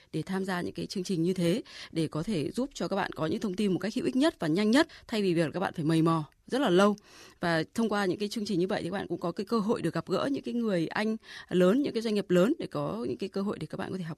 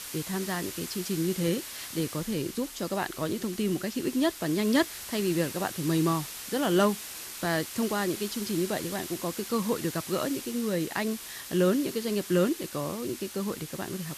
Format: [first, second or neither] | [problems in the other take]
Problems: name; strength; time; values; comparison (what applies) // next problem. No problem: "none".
first | hiss; loud; throughout; 8 dB below the speech